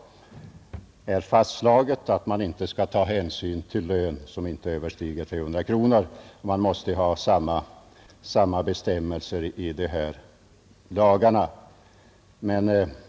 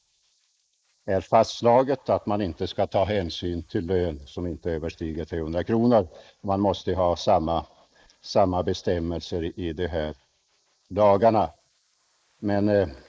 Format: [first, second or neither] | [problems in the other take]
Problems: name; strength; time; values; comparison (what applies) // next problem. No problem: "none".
first | noise reduction (neural mask model Resemble Enhance denoiser)